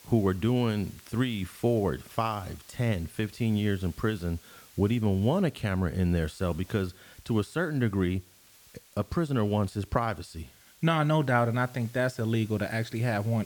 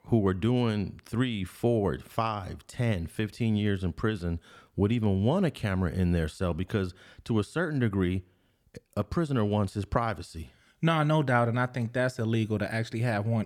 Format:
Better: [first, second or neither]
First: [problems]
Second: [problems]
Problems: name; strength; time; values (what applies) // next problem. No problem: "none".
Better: second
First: hiss; faint; throughout; 25 dB below the speech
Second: none